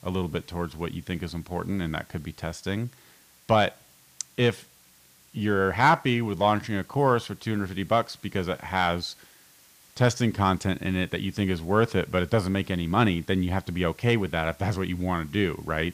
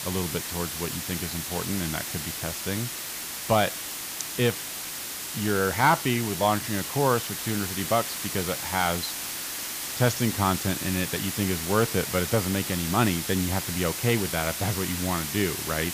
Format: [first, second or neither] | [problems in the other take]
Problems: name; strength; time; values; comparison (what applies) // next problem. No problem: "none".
first | hiss; loud; throughout; 3 dB below the speech; faint in the first